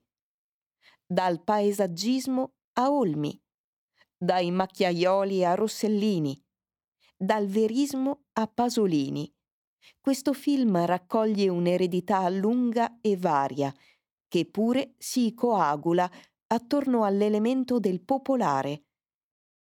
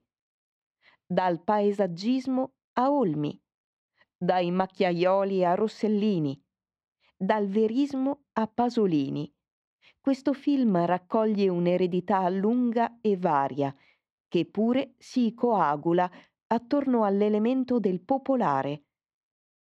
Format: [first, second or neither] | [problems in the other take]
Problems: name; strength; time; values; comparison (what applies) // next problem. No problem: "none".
first | muffled; slightly; fading above 3 kHz